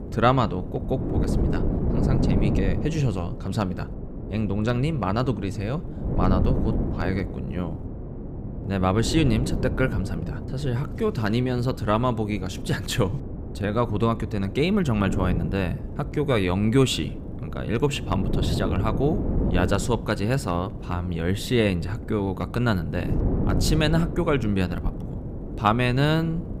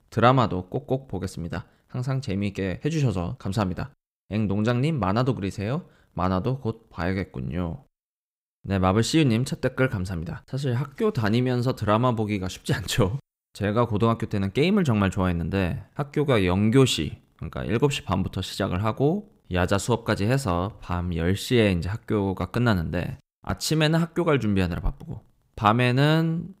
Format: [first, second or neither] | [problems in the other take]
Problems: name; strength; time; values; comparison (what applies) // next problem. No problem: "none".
second | wind noise on the microphone; heavy; 9 dB below the speech